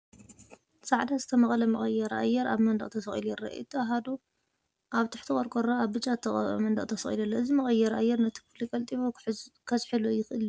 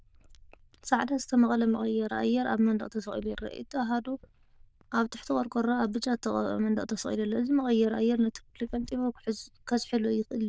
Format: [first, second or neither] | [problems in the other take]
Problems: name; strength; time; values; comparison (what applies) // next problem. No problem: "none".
first | noise reduction (neural diffusion model UNIVERSE++)